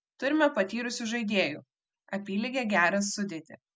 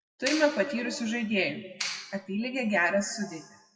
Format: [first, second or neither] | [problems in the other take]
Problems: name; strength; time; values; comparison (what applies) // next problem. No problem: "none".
first | noise reduction (classical method WPE with log-MMSE)